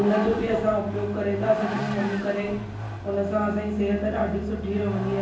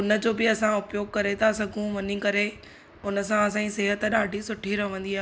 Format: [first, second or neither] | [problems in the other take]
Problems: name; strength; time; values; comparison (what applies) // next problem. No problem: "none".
second | background sound (Vehicle); 8 dB below the speech // room echo; dies away in 0.7 s